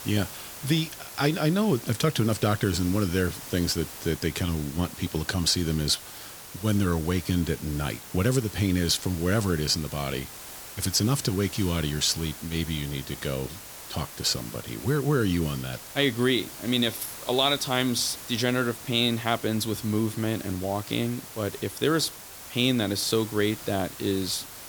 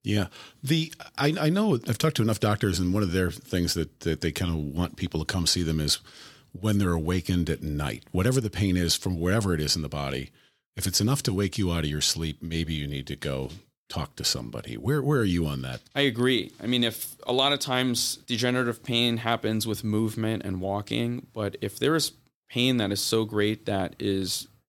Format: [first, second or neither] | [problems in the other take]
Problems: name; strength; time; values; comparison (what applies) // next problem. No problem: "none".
second | hiss; noticeable; throughout; 15 dB below the speech